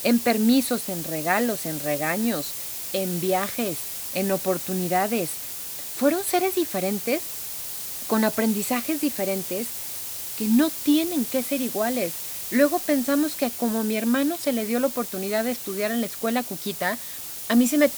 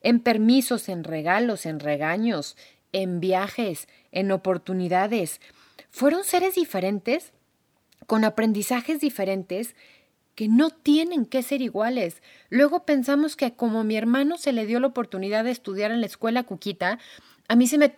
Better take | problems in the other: second | hiss; loud; throughout; 4 dB below the speech

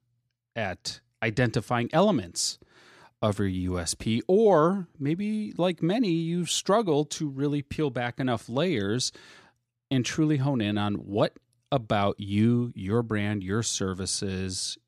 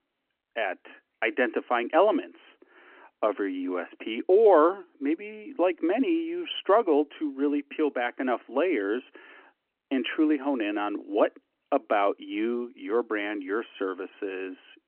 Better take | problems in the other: first | phone-call audio

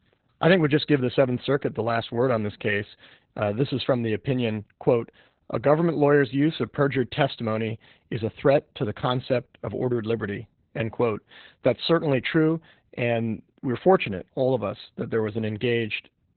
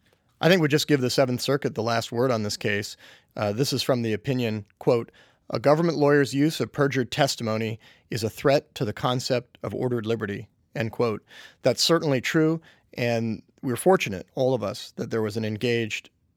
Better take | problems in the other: second | garbled, watery; badly; nothing above 4 kHz

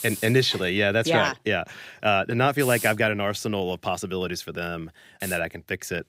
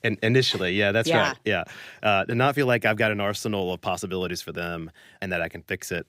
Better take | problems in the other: second | hiss; noticeable; until 1 s, at 2 s and from 4 to 5.5 s; 10 dB below the speech

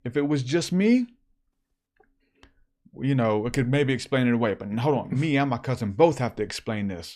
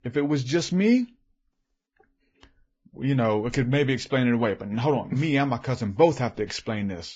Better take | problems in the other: first | garbled, watery; badly; nothing above 7.5 kHz

